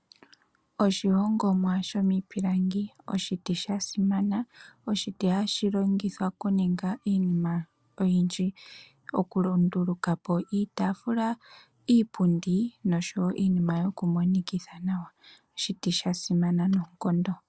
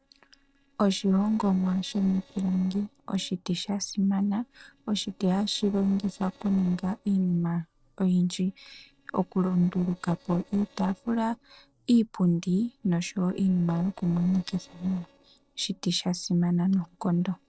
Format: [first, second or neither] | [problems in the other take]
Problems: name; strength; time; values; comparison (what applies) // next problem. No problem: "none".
first | noise reduction (neural separator model SepFormer DNS4)